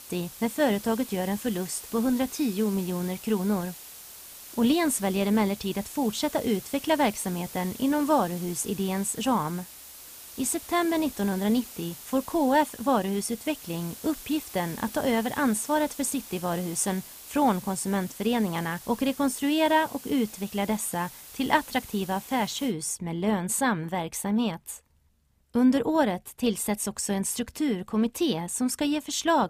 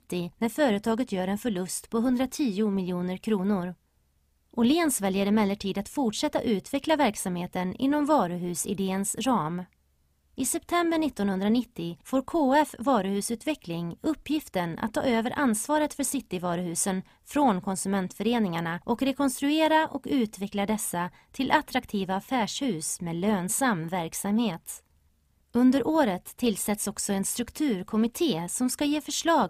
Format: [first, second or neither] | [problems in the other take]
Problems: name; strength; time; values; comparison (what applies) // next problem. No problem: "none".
second | hiss; noticeable; until 23 s; 15 dB below the speech